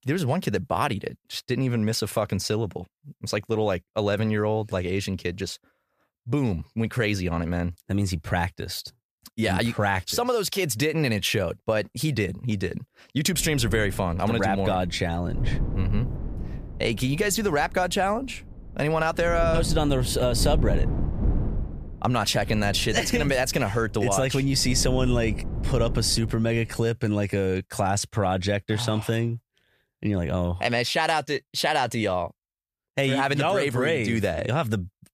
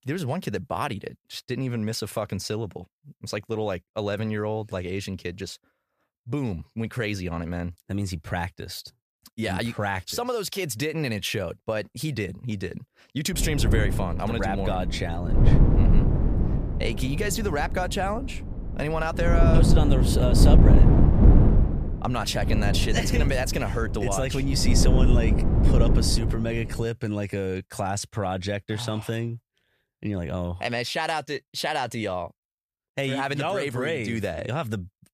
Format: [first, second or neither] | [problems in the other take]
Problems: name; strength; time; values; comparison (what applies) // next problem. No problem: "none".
first | wind noise on the microphone; heavy; from 13 to 27 s; 3 dB below the speech; occasional gusts in the first